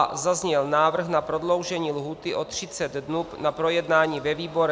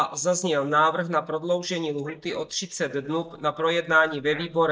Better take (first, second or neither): first